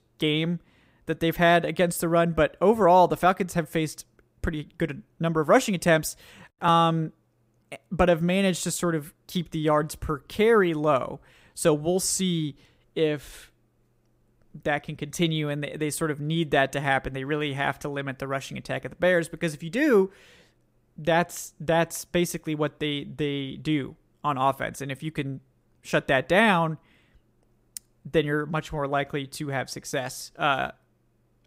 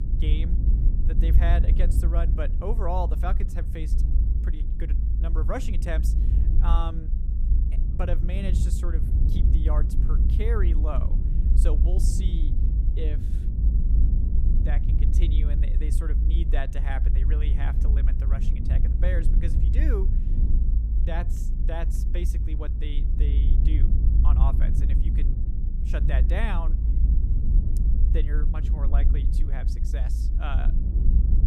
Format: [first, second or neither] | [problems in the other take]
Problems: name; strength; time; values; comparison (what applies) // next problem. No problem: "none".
first | low rumble; loud; throughout; 5 dB below the speech